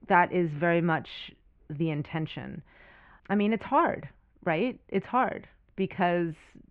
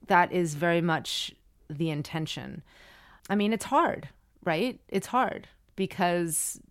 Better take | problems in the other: second | muffled; very; fading above 2.5 kHz

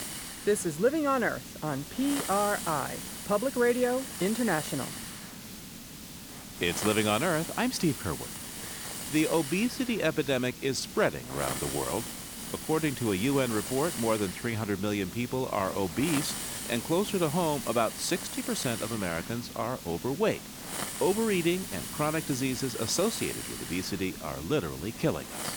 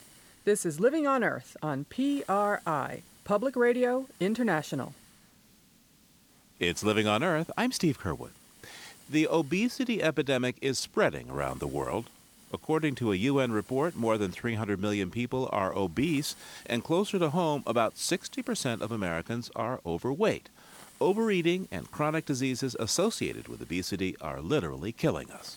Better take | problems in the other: second | hiss; loud; throughout; 7 dB below the speech; faint in the second

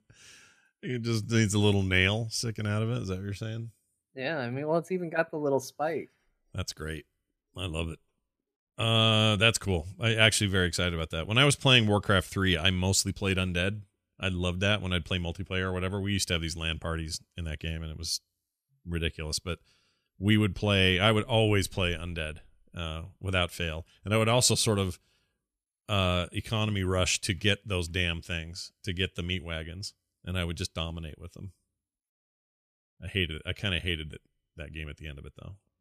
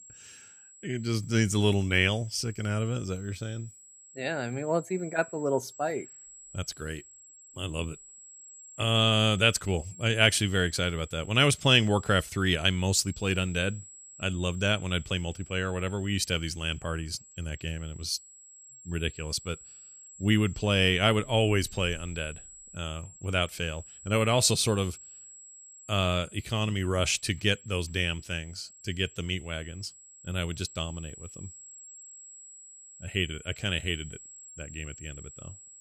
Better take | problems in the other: first | high-pitched whine; noticeable; throughout; 7.5 kHz, 20 dB below the speech

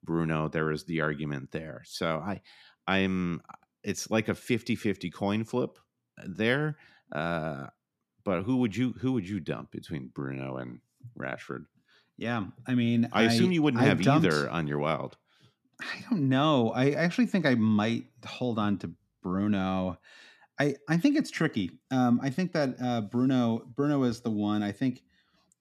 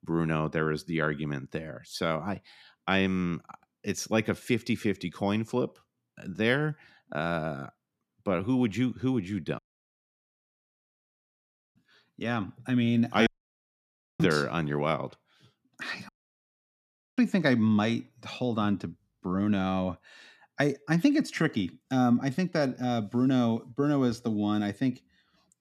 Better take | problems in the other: first | audio cutting out; at 9.5 s for 2 s, at 13 s for 1 s and at 16 s for 1 s

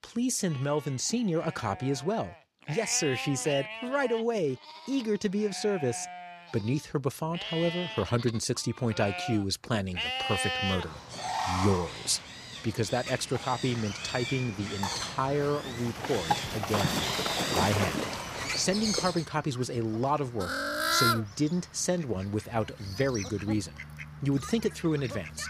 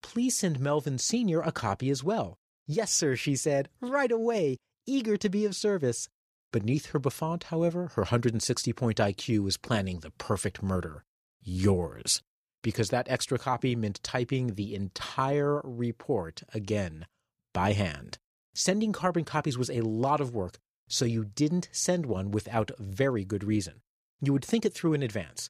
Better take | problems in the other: second | animal sounds; loud; throughout; 3 dB below the speech

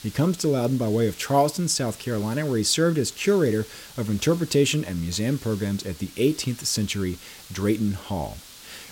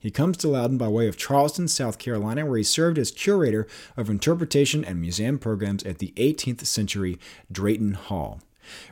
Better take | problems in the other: second | hiss; noticeable; throughout; 20 dB below the speech

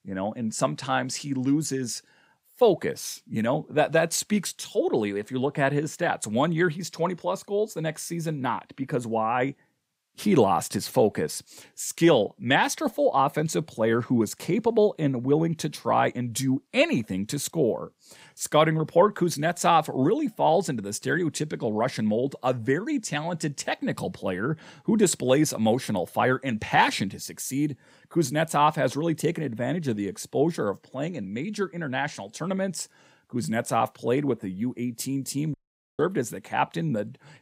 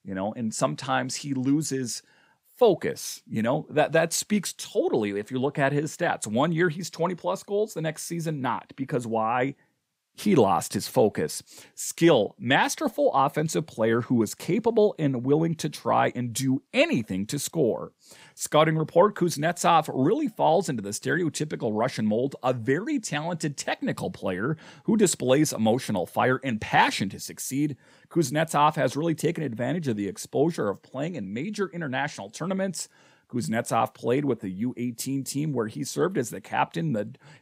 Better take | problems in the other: second | audio cutting out; at 36 s

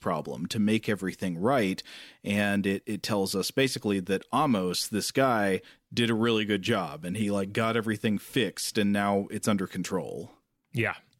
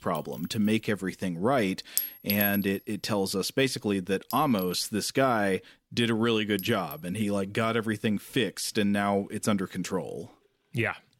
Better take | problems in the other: first | household noises; loud; throughout; 7 dB below the speech

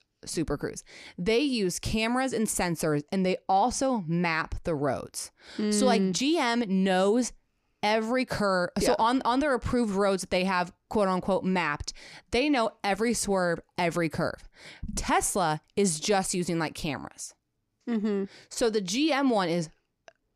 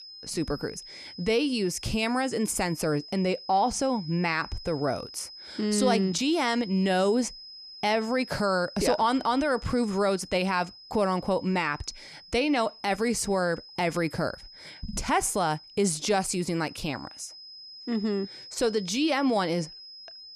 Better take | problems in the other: first | high-pitched whine; noticeable; throughout; 5 kHz, 15 dB below the speech

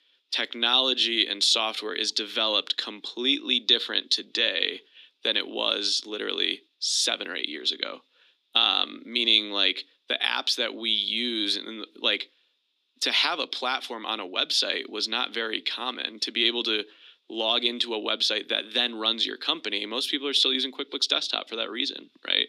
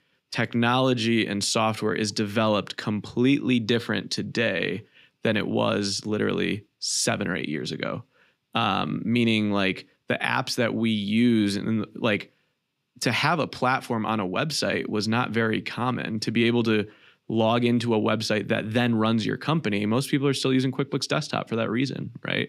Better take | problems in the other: second | thin; somewhat; fading below 250 Hz

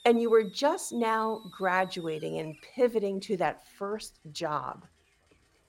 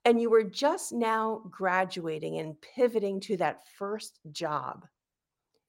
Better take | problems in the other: second | hiss; faint; throughout; 25 dB below the speech

